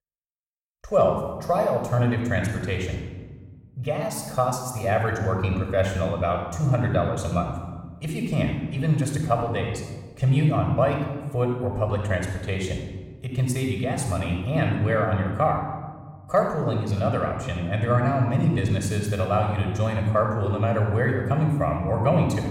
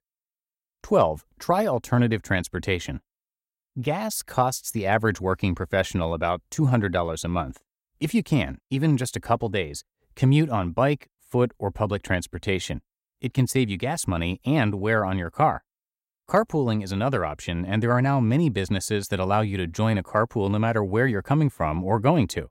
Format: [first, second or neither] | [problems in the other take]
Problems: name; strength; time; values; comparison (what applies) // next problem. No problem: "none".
second | off-mic speech; somewhat distant // room echo; noticeable; dies away in 1.2 s